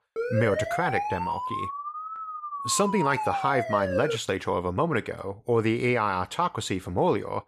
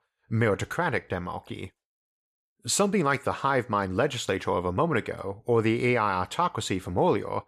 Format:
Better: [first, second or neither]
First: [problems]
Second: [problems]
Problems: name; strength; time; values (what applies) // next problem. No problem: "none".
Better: second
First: siren; noticeable; until 4 s; peak 2 dB below the speech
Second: none